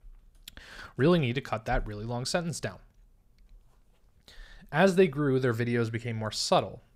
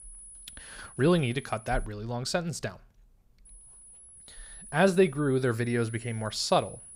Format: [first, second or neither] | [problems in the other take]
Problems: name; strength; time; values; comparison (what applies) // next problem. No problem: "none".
first | high-pitched whine; noticeable; until 2 s and from 3.5 s on; 10 kHz, 20 dB below the speech